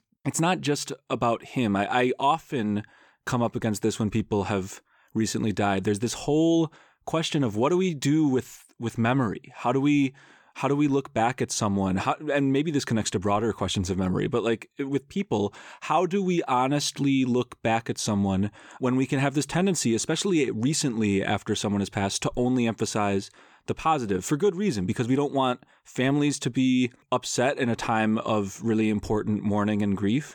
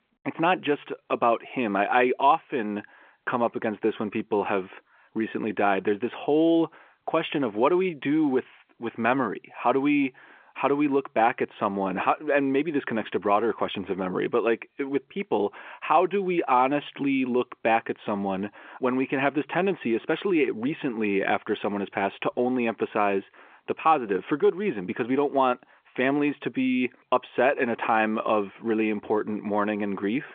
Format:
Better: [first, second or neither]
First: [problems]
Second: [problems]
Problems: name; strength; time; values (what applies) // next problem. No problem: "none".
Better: first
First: none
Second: phone-call audio; nothing above 3.5 kHz